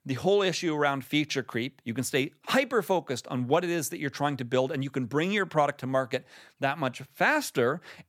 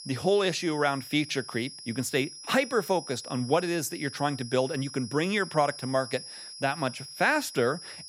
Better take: first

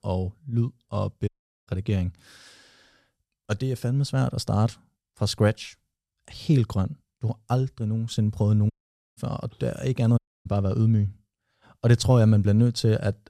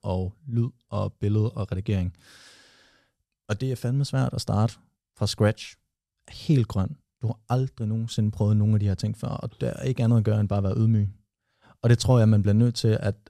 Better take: second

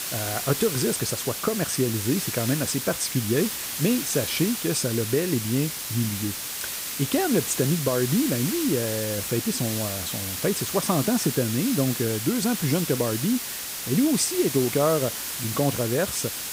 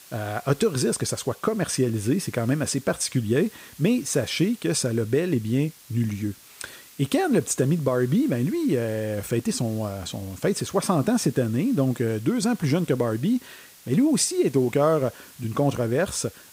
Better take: second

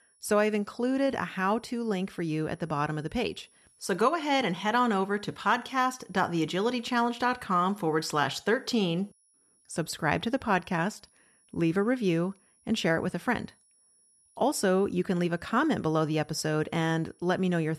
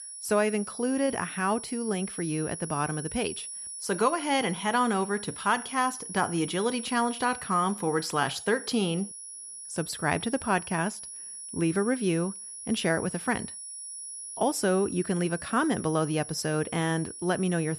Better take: first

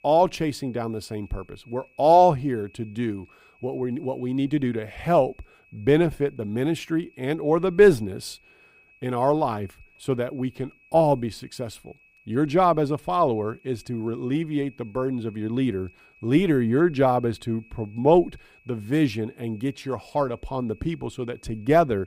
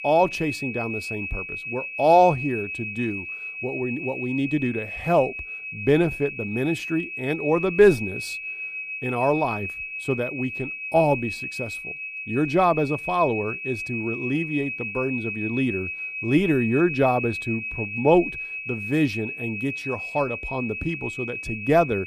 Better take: first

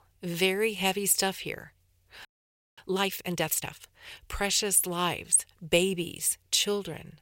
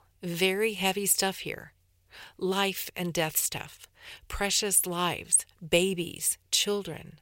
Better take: second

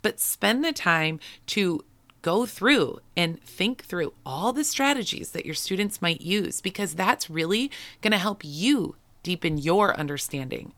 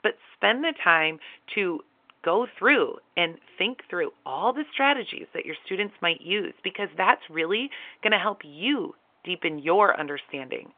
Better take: first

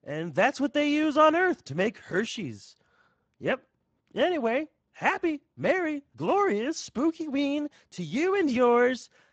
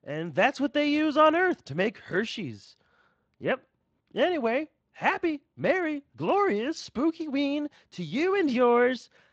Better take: second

